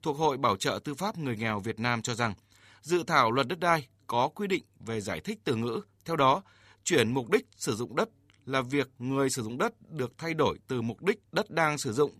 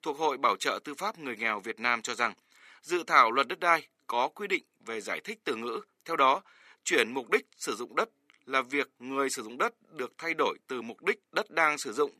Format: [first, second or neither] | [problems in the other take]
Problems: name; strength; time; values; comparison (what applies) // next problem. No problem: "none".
first | thin; somewhat; fading below 300 Hz